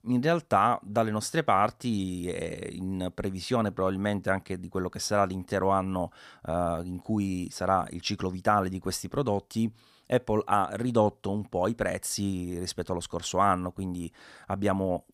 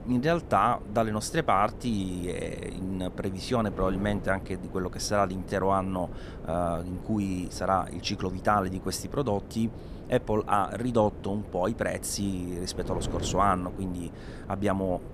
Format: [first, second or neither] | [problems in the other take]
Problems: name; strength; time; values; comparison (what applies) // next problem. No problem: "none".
first | wind noise on the microphone; occasional gusts; 15 dB below the speech